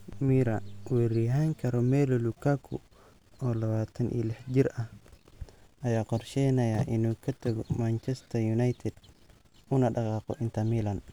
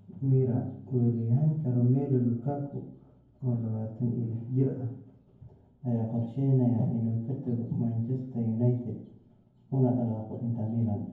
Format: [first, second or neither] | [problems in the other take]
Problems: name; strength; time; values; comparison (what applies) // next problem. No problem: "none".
first | room echo; dies away in 0.9 s